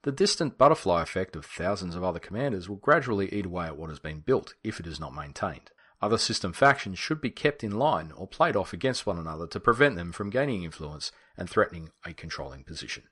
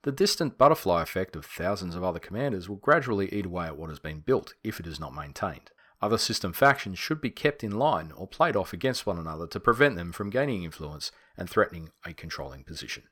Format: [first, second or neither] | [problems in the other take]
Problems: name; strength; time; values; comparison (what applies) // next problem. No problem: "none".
second | garbled, watery; slightly; nothing above 11 kHz